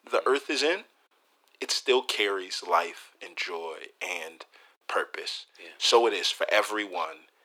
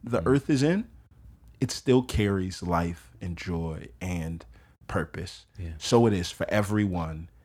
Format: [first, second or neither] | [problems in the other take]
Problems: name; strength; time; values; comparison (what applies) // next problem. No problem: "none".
second | thin; very; fading below 350 Hz